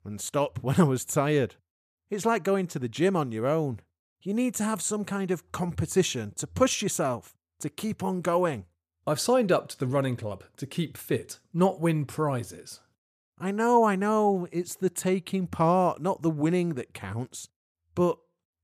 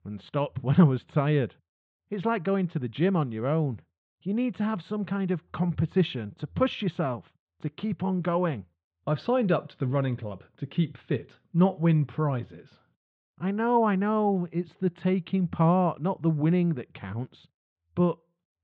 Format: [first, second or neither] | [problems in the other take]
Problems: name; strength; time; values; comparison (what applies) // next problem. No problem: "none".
first | muffled; very; fading above 3.5 kHz